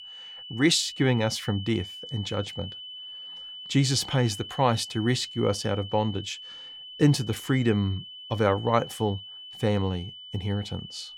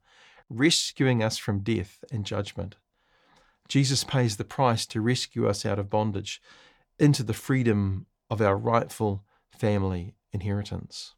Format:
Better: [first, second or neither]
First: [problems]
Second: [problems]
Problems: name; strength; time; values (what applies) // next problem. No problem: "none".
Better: second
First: high-pitched whine; noticeable; throughout; 3 kHz, 15 dB below the speech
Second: none